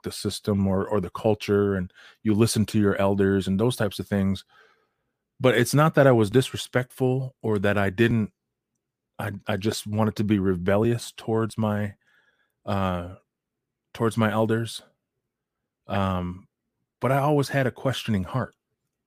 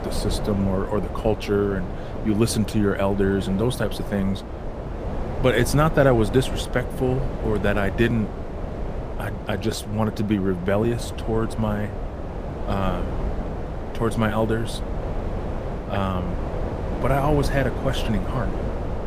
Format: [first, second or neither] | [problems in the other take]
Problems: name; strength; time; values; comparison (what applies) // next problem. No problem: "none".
first | wind noise on the microphone; heavy; 8 dB below the speech